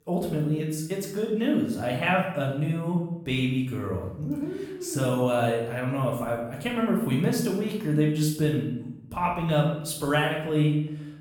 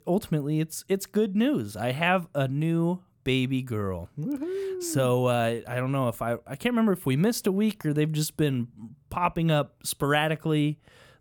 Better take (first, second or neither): second